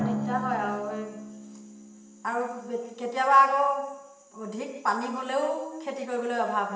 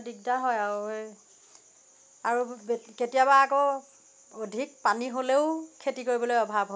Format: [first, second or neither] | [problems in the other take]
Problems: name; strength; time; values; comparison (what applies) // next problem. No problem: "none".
second | background sound (Drum); 11 dB below the speech // room echo; dies away in 1 s